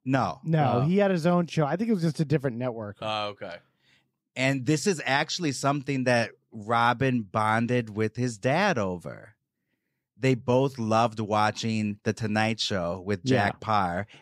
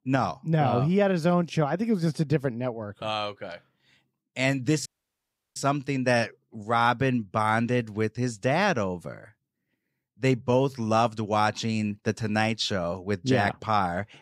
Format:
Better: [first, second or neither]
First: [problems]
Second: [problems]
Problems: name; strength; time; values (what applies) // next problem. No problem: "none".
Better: first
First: none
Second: audio cutting out; at 5 s for 0.5 s